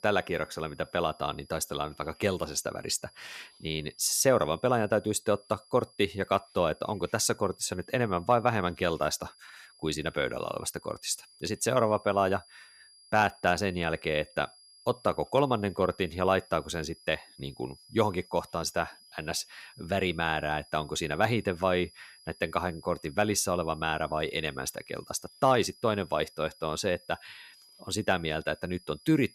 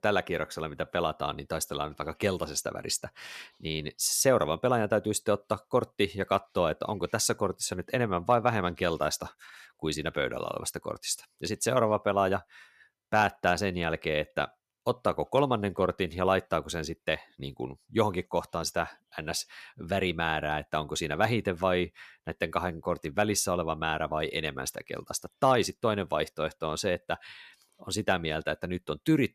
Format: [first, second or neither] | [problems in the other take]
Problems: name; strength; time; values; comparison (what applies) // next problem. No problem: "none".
second | high-pitched whine; faint; throughout; 5 kHz, 25 dB below the speech